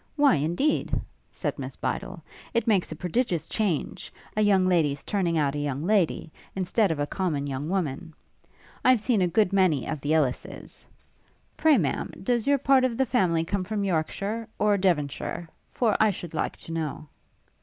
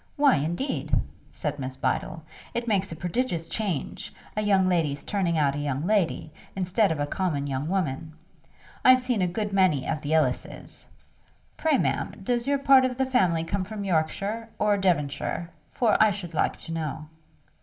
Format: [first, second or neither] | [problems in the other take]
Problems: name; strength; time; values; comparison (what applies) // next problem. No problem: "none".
first | room echo; dies away in 0.4 s